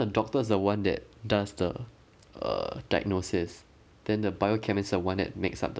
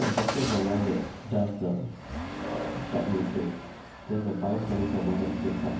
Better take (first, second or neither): first